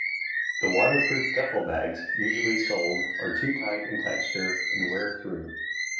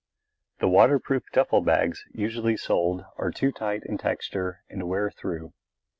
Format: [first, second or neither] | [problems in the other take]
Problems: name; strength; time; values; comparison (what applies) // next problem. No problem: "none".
second | background sound (Bird); 1 dB above the speech // room echo; dies away in 0.6 s